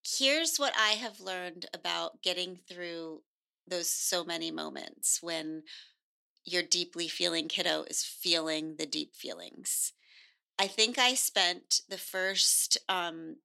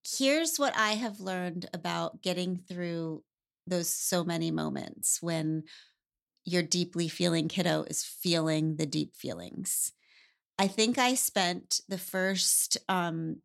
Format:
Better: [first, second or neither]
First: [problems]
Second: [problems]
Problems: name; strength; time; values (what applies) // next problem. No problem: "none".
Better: second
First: thin; somewhat; fading below 300 Hz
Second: none